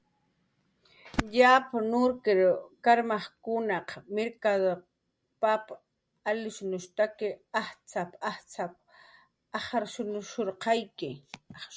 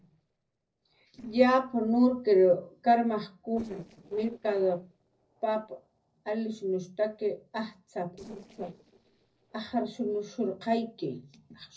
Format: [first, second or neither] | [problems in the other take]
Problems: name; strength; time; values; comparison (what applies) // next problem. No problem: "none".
first | noise reduction (neural separator model SepFormer DNS4)